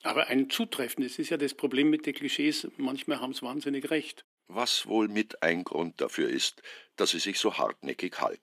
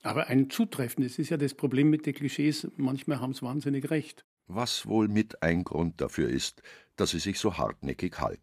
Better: second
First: thin; very slightly; fading below 300 Hz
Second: none

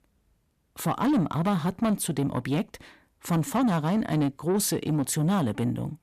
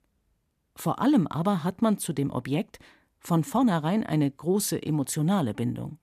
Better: second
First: distortion; slight; 10 dB below the speech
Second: none

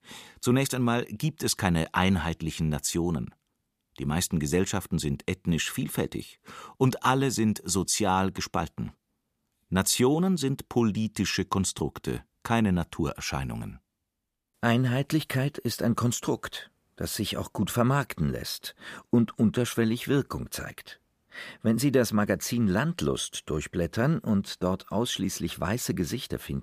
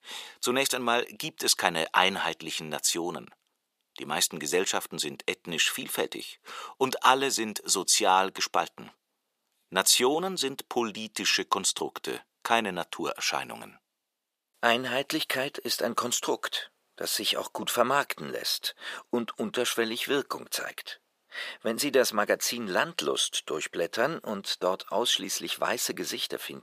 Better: first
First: none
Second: thin; very; fading below 550 Hz

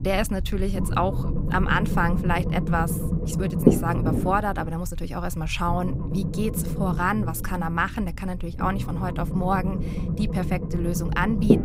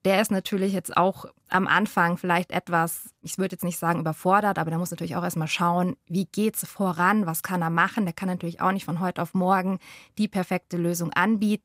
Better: second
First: low rumble; loud; throughout; 7 dB below the speech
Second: none

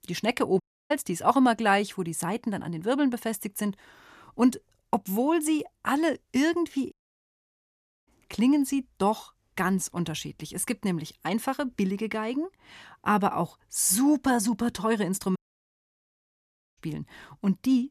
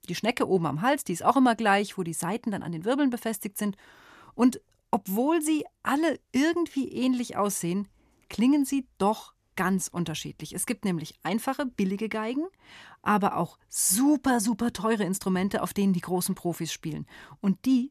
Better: second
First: audio cutting out; at 0.5 s, at 7 s for 1 s and at 15 s for 1.5 s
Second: none

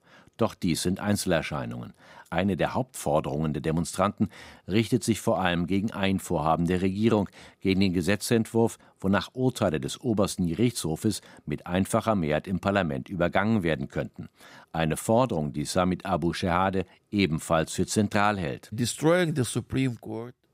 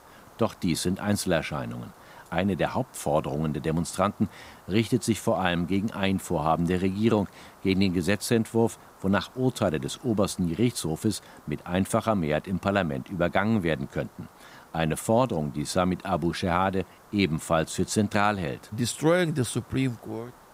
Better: first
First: none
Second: hiss; faint; throughout; 25 dB below the speech

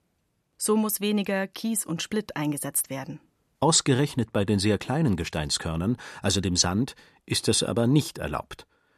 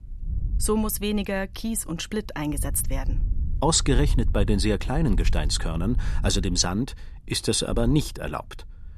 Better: first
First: none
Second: wind noise on the microphone; occasional gusts; 20 dB below the speech

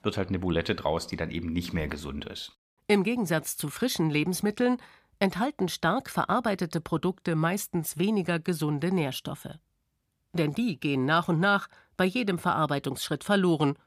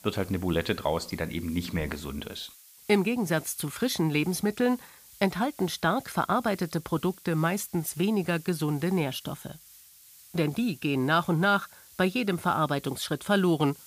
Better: first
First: none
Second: hiss; faint; throughout; 20 dB below the speech

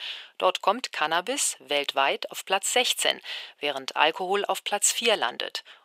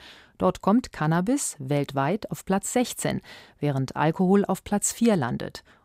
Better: second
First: thin; very; fading below 500 Hz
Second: none

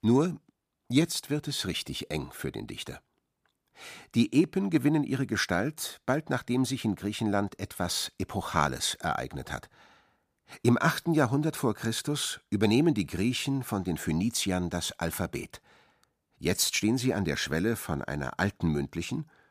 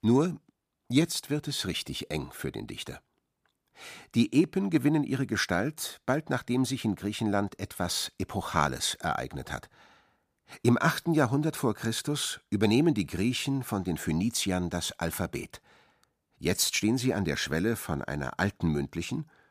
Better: neither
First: none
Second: none

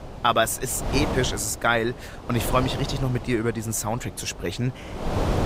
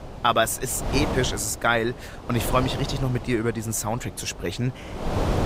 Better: neither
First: wind noise on the microphone; heavy; 10 dB below the speech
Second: wind noise on the microphone; heavy; 10 dB below the speech

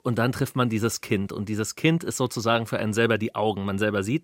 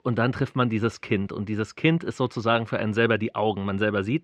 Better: first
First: none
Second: muffled; slightly; fading above 3 kHz

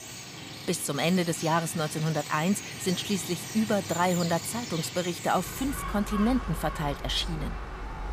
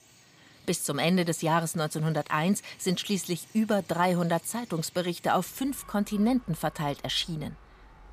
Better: second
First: animal sounds; loud; throughout; 8 dB below the speech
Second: animal sounds; faint; throughout; 25 dB below the speech

